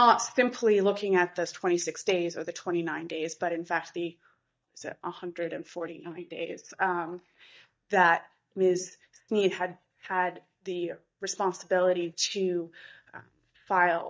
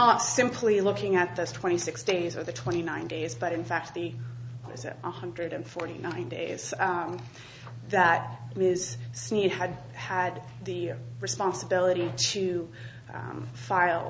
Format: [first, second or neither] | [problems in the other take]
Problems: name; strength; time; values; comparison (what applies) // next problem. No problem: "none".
second | noise reduction (neural mask model DeepFilterNet 3)